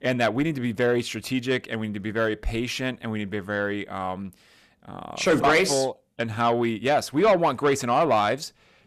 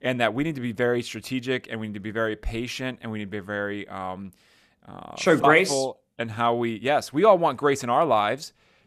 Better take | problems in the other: second | distortion; slight; 10 dB below the speech

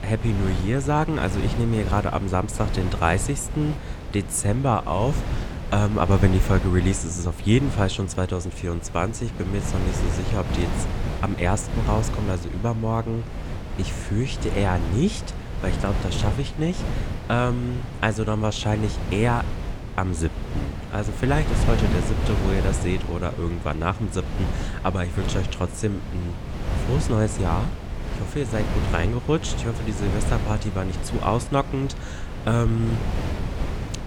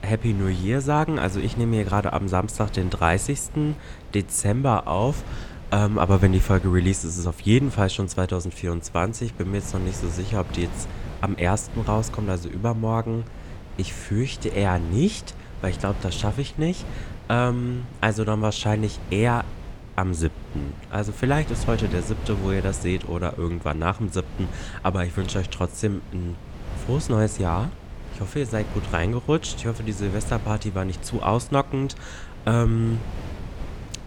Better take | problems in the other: second | wind noise on the microphone; heavy; 8 dB below the speech; occasional gusts in the second

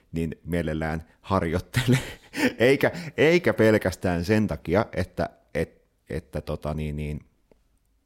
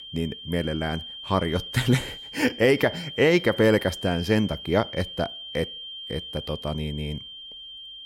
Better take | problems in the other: first | high-pitched whine; noticeable; throughout; 3 kHz, 10 dB below the speech

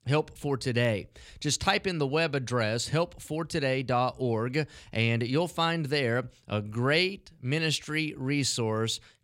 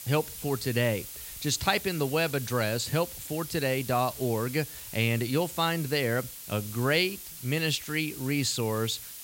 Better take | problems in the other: first | hiss; noticeable; throughout; 10 dB below the speech

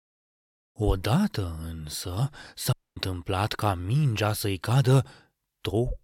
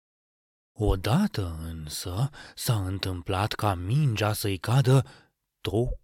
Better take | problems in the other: second | audio cutting out; at 2.5 s

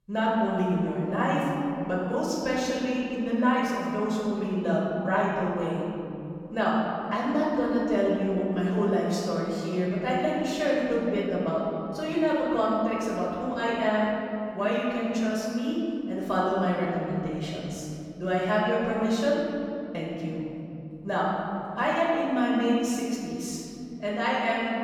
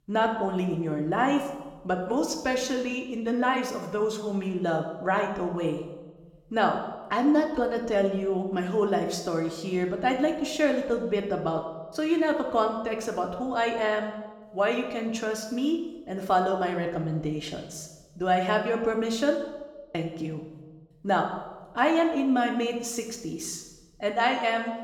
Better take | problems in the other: second | room echo; strong; dies away in 2.8 s; slight in the second // off-mic speech; far

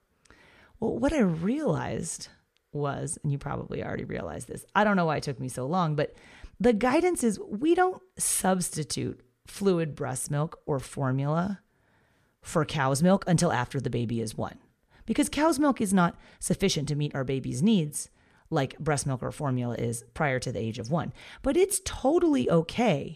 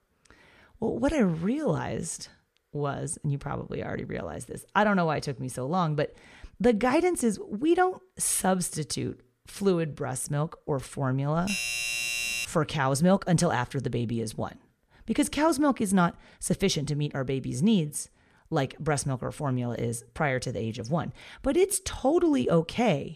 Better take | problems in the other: first | doorbell; loud; from 11 to 12 s; peak level with the speech

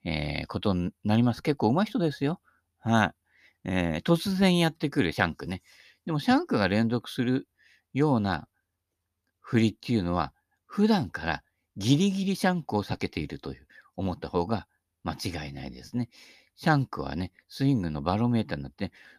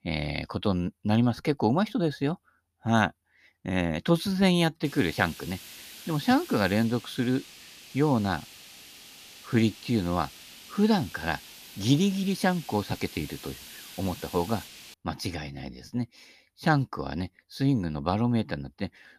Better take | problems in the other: first | hiss; noticeable; from 5 to 15 s; 15 dB below the speech

